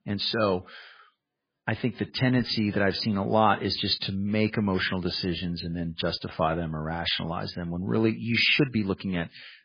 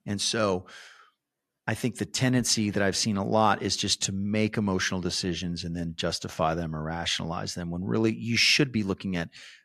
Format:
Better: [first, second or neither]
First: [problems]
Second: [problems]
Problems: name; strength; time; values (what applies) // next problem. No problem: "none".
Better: second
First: garbled, watery; badly; nothing above 5 kHz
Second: none